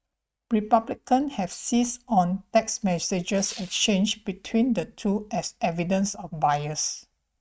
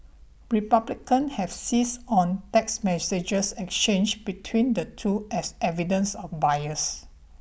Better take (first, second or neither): second